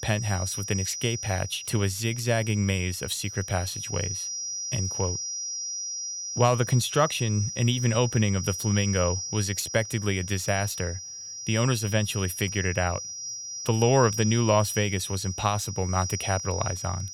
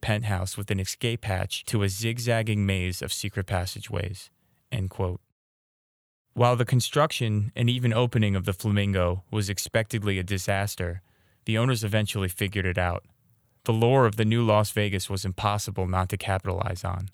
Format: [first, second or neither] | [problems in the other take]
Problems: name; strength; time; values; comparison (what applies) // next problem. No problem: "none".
second | high-pitched whine; loud; throughout; 5.5 kHz, 6 dB below the speech